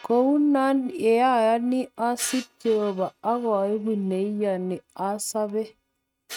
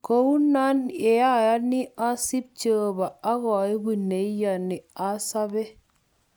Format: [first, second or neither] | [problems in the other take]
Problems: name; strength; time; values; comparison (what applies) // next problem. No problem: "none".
second | noise reduction (neural mask model RNNoise)